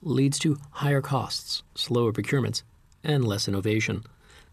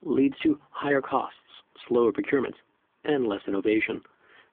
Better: first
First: none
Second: phone-call audio; poor line

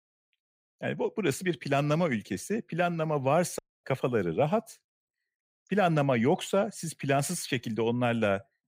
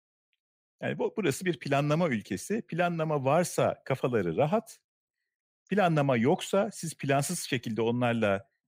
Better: second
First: audio cutting out; at 3.5 s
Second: none

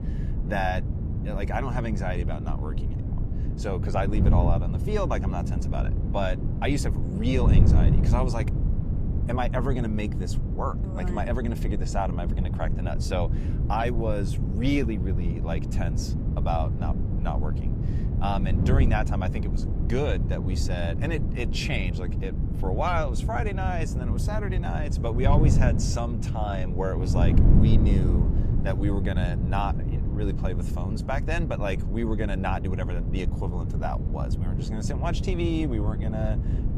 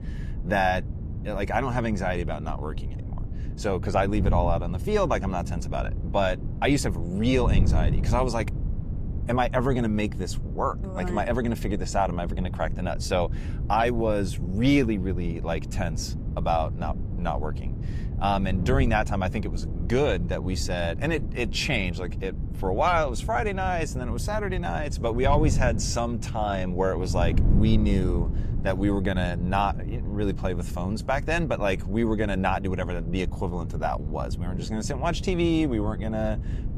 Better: second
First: wind noise on the microphone; heavy; 7 dB below the speech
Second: wind noise on the microphone; occasional gusts; 15 dB below the speech

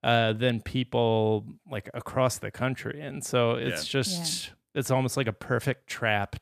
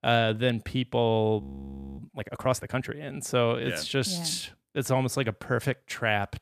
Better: first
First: none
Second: audio freezing; at 1.5 s for 0.5 s

